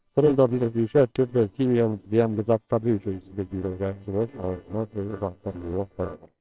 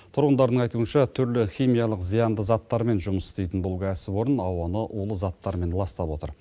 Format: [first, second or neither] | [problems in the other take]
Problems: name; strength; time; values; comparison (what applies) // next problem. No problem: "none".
second | noise reduction (neural separator model SepFormer WHAMR!)